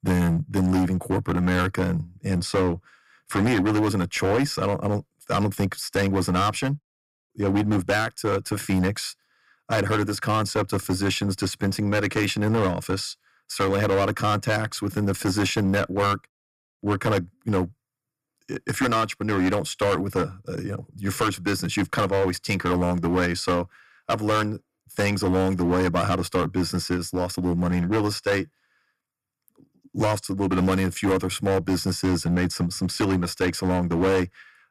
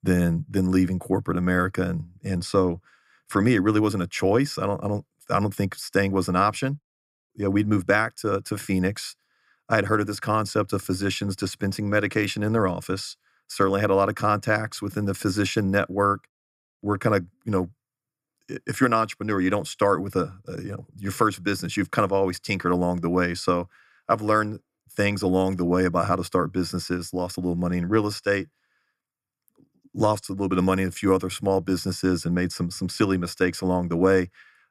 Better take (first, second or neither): second